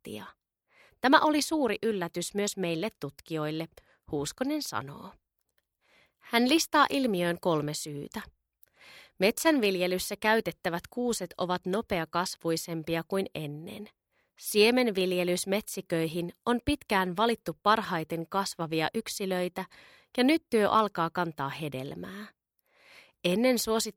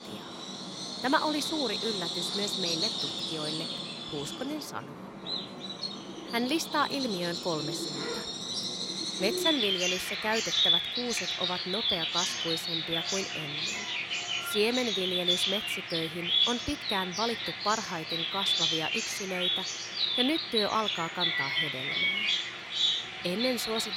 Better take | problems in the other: first | animal sounds; very loud; throughout; 4 dB above the speech

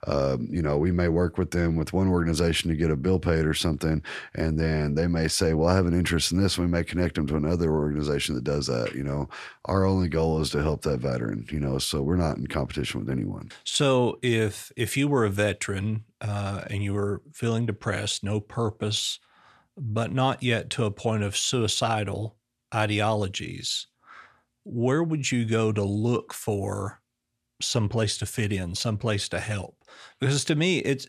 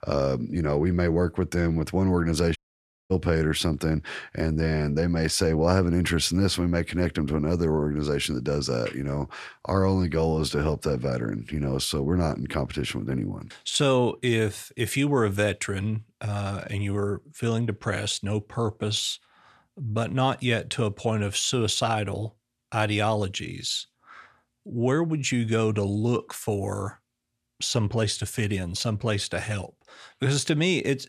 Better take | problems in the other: first | audio cutting out; at 2.5 s for 0.5 s

